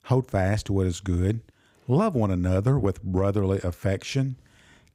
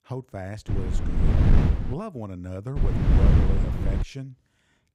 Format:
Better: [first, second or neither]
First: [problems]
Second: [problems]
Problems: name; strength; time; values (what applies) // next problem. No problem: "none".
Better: first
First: none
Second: wind noise on the microphone; heavy; from 0.5 to 2 s and from 3 to 4 s; 5 dB above the speech